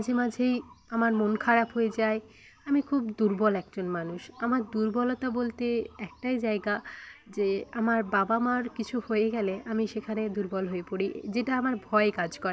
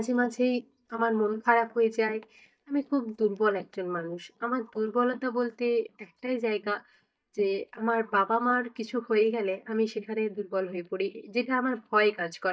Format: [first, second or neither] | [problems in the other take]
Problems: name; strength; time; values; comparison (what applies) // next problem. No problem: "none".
first | noise reduction (neural mask model DeepFilterNet 3)